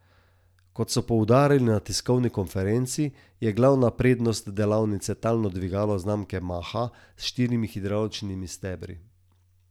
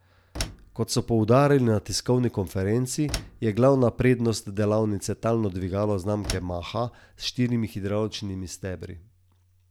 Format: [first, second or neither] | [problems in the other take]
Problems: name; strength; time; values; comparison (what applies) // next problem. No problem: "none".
first | background sound (Slam); 14 dB below the speech